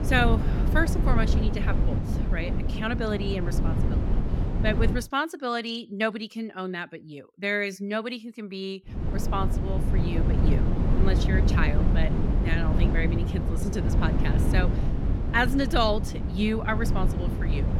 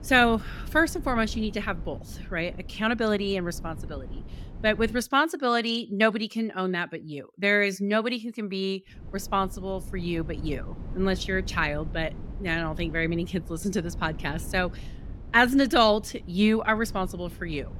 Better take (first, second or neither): second